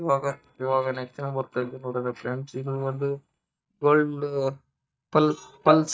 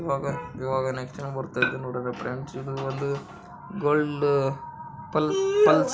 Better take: second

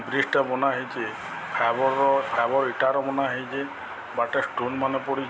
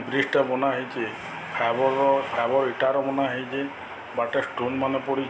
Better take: first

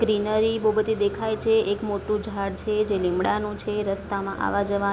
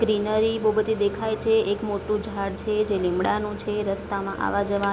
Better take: first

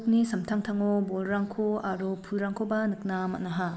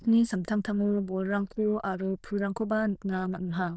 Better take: first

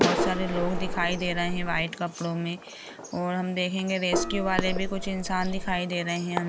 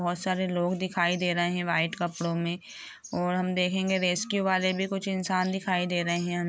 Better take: second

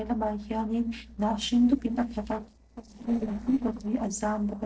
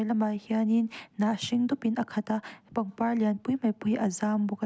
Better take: second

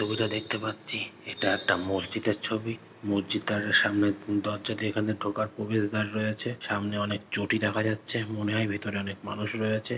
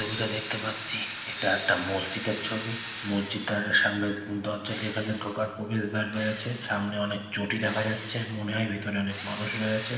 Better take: first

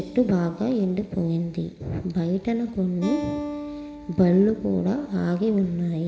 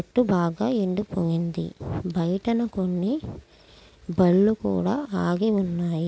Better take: second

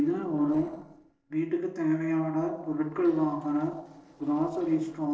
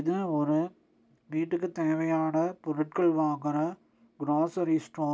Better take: second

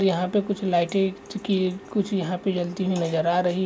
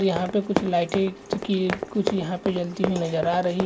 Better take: first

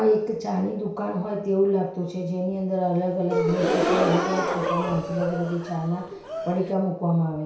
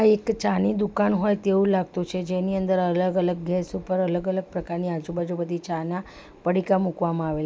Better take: second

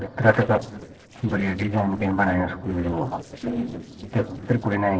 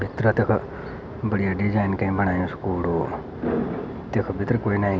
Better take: second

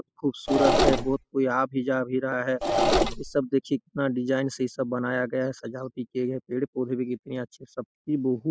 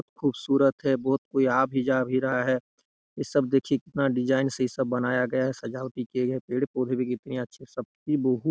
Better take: second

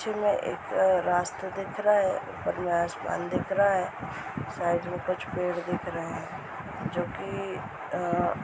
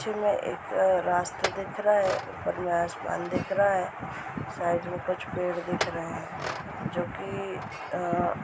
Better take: first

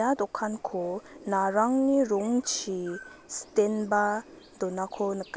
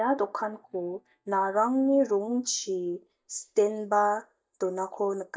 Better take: first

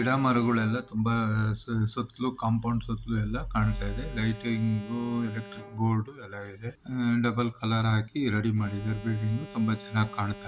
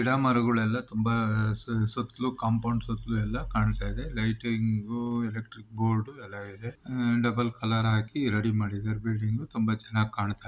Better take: second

